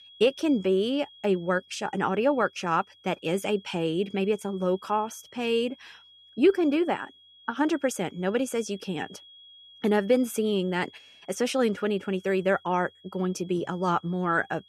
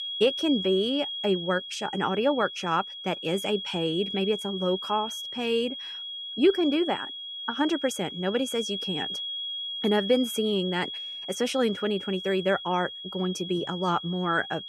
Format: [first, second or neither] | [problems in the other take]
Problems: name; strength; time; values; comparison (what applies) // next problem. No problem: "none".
first | high-pitched whine; loud; throughout; 3.5 kHz, 6 dB below the speech; faint in the first